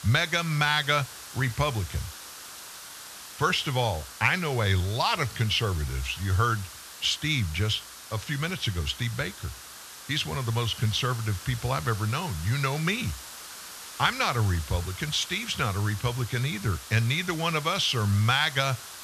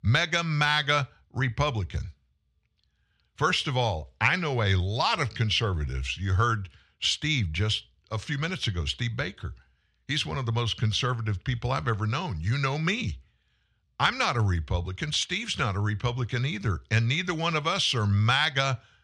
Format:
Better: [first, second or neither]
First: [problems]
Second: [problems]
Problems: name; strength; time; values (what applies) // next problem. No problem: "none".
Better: second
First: hiss; noticeable; throughout; 15 dB below the speech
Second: none